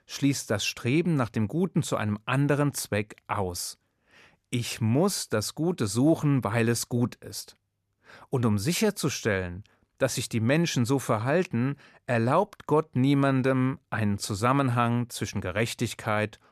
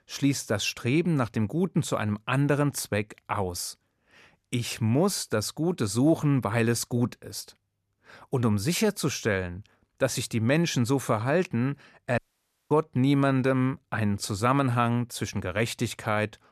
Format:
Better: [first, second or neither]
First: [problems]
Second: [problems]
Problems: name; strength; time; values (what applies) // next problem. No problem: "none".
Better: first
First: none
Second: audio cutting out; at 12 s for 0.5 s